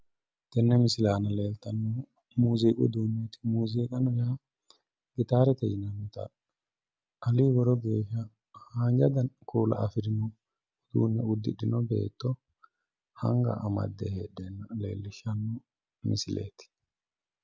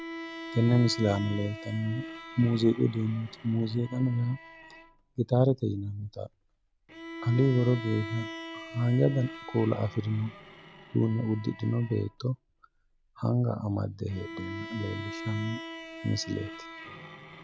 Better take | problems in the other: first | background sound (Bowed string instrument); 13 dB below the speech

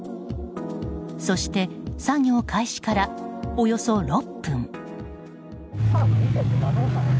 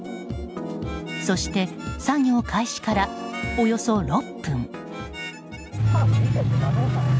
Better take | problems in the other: first | background sound (Harmonica); 16 dB below the speech

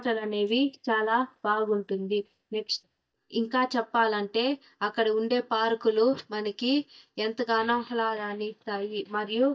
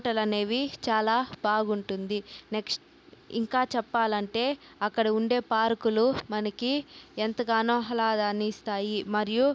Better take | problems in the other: second | noise reduction (neural mask model DeepFilterNet 3)

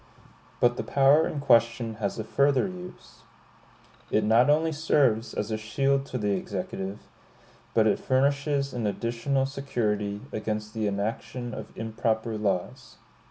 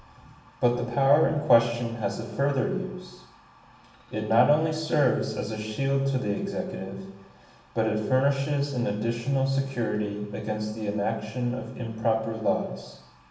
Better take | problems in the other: first | room echo; dies away in 0.9 s

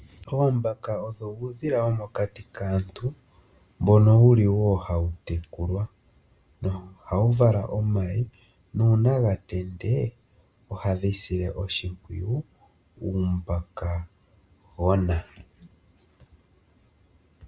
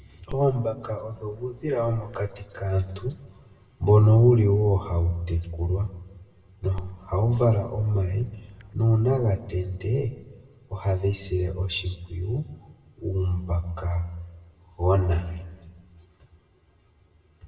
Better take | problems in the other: first | background sound (Dog); 19 dB below the speech // room echo; dies away in 0.9 s

